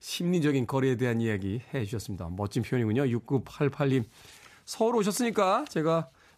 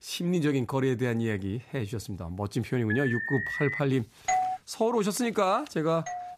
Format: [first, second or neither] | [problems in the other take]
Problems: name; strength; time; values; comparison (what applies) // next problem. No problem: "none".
first | alarm; noticeable; at 3 s; peak 2 dB below the speech // doorbell; loud; at 4.5 s; peak 1 dB above the speech // doorbell; noticeable; at 6 s; peak 9 dB below the speech